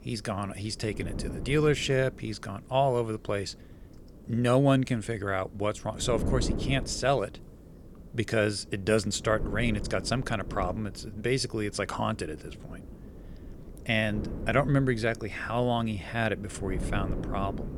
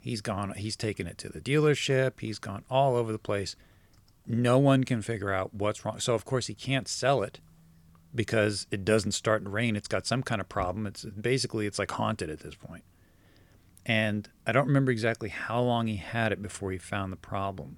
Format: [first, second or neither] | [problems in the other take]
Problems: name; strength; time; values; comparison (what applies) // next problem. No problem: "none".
second | wind noise on the microphone; occasional gusts; 15 dB below the speech